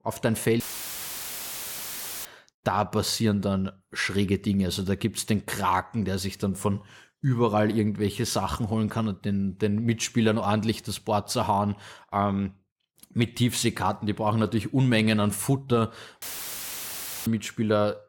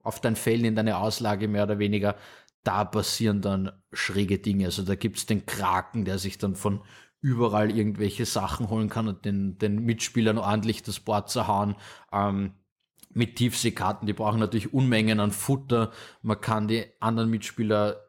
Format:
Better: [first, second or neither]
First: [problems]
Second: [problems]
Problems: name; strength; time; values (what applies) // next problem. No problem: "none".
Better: second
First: audio cutting out; filled with static; at 0.5 s for 1.5 s and at 16 s for 1 s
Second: none